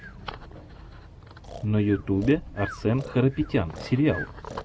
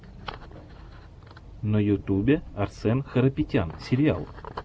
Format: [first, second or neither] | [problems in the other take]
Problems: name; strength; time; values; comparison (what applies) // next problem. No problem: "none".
second | background sound (Breathing); 17 dB below the speech